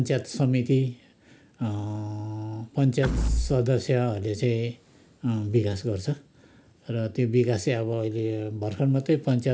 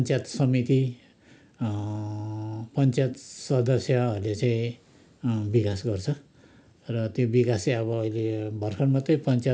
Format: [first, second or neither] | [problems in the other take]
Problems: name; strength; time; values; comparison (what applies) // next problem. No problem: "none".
second | background sound (Door / Wood); 4 dB below the speech